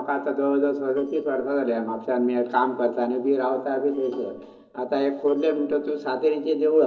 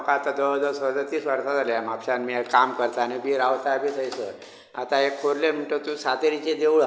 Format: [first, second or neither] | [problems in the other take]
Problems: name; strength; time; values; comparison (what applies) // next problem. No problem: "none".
second | noise reduction (neural separator model SepFormer DNS4)